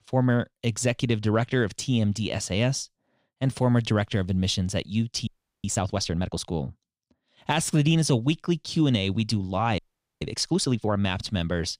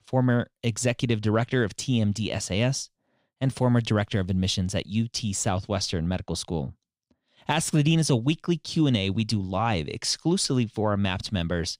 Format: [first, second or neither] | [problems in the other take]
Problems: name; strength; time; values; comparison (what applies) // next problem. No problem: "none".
second | audio freezing; at 5.5 s and at 10 s